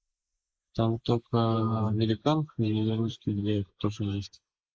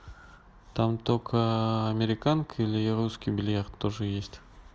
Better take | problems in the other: second | noise reduction (neural mask model Resemble Enhance denoiser)

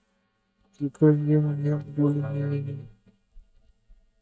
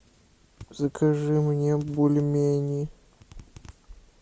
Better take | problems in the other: second | noise reduction (neural mask model DeepFilterNet 3)

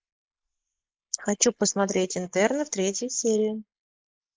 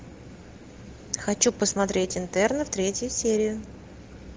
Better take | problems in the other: second | noise reduction (neural mask model Resemble Enhance denoiser)

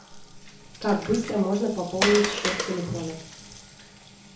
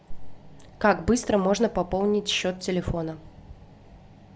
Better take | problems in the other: second | background sound (Water); 6 dB below the speech // room echo; dies away in 0.7 s

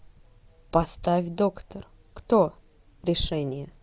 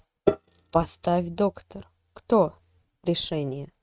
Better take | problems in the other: first | noise reduction (neural mask model RNNoise)

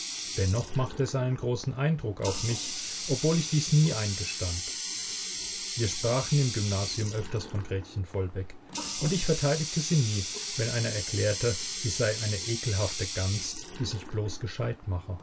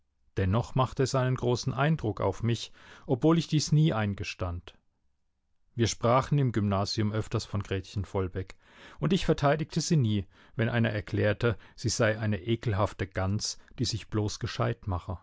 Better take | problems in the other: second | background sound (Water tap, faucet); 7 dB below the speech // room echo; dies away in 0.2 s

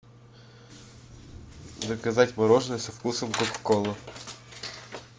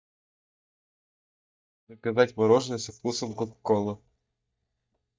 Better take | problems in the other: first | noise reduction (neural mask model DeepFilterNet 3)

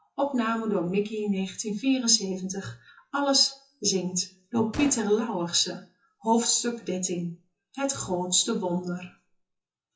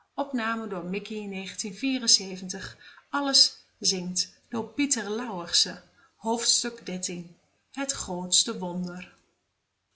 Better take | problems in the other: second | noise reduction (classical method WPE with log-MMSE)

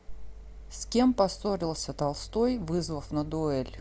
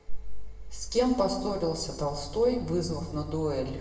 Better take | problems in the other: first | room echo; dies away in 1 s

